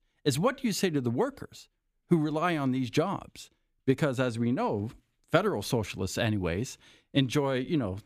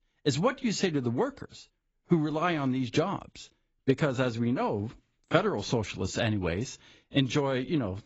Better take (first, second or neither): first